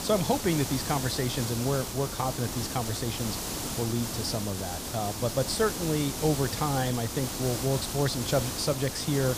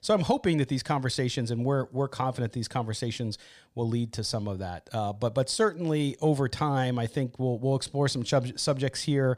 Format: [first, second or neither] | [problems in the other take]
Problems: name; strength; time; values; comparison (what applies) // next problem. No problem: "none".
second | hiss; loud; throughout; 3 dB below the speech